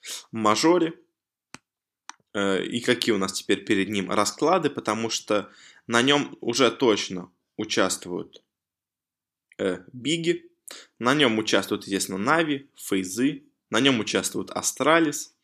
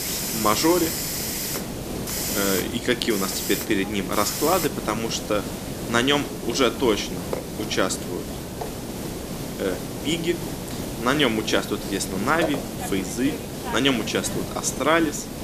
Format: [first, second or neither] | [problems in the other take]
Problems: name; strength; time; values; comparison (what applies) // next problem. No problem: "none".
first | hiss; loud; throughout; 5 dB below the speech